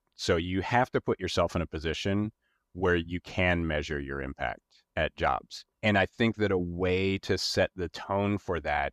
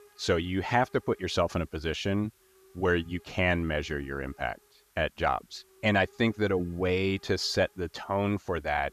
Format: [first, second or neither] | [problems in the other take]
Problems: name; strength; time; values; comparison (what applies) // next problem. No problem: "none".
first | hiss; faint; throughout; 30 dB below the speech